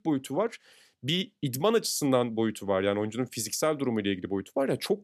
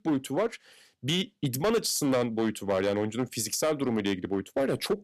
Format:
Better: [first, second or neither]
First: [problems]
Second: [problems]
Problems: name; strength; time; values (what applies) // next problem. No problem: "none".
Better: first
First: none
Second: distortion; slight; 7% of the sound clipped